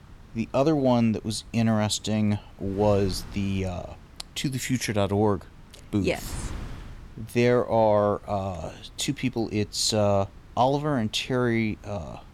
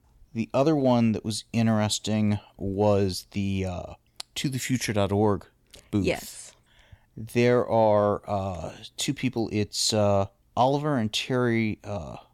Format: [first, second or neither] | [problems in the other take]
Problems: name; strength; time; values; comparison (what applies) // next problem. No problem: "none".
second | wind noise on the microphone; occasional gusts; 25 dB below the speech